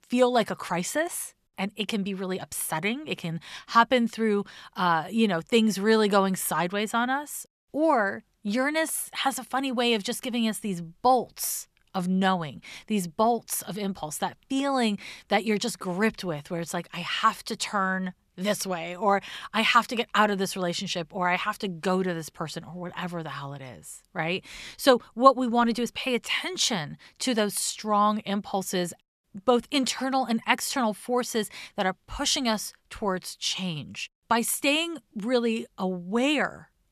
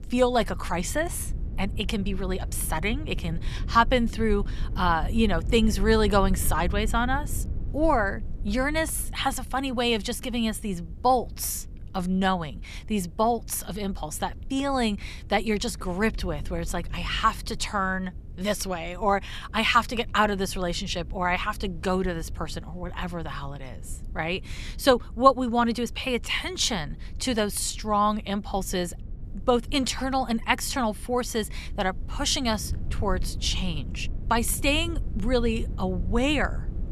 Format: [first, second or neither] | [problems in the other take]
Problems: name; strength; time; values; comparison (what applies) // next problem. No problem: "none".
first | low rumble; faint; throughout; 25 dB below the speech